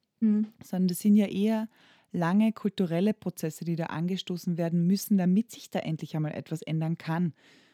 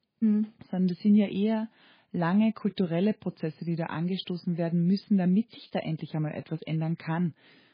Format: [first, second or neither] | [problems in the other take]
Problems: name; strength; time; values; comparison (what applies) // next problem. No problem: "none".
first | garbled, watery; badly; nothing above 5 kHz